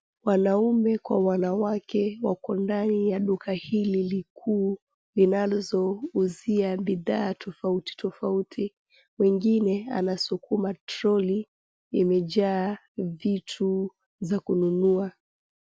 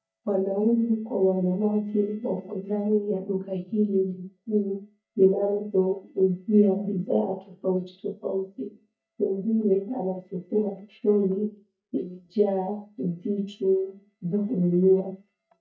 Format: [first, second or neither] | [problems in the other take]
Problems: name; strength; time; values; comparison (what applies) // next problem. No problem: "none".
first | noise reduction (neural mask model DeepFilterNet 3)